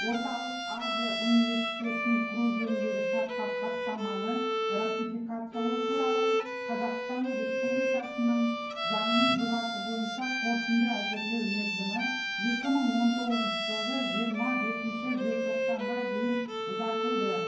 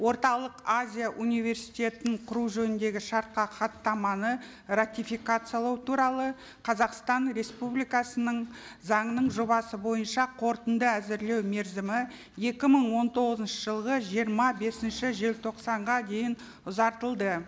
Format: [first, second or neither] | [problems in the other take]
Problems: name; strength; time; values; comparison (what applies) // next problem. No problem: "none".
second | background sound (Bowed string instrument); as loud as the speech // room echo; dies away in 0.9 s